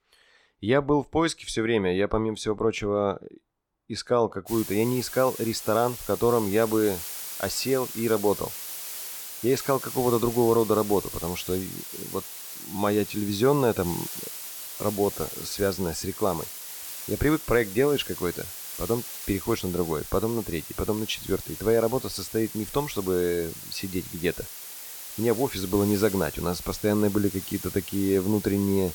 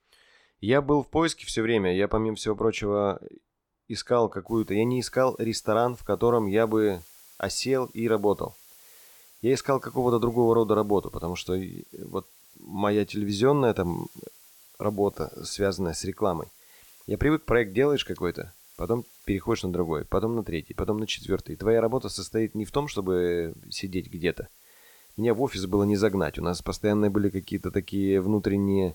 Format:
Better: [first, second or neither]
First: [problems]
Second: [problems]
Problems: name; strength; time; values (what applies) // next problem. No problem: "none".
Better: second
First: hiss; loud; from 4.5 s on; 9 dB below the speech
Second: hiss; faint; from 4.5 s on; 25 dB below the speech